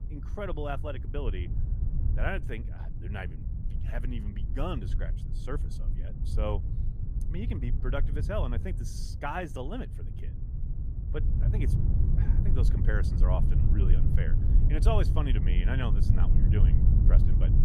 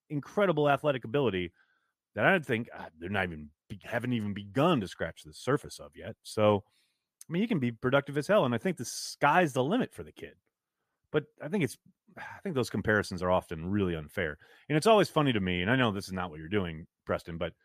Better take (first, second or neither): second